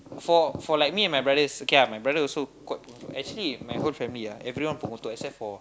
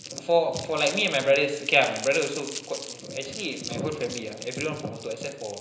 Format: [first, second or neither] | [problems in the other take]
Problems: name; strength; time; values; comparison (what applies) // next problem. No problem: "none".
first | background sound (Crumpling, crinkling); 13 dB below the speech // room echo; dies away in 0.9 s